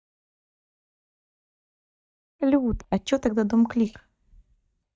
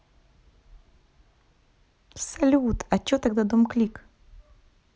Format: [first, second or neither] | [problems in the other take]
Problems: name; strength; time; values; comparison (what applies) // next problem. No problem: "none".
second | noise reduction (neural mask model DeepFilterNet 3)